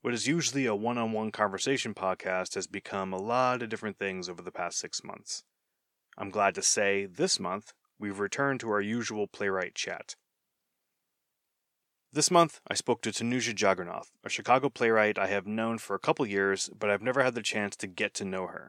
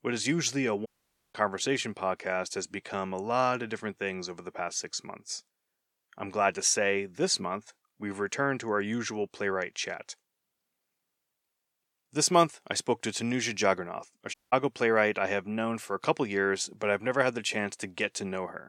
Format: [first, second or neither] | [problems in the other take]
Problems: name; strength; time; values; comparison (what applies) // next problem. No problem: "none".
first | audio cutting out; at 1 s and at 14 s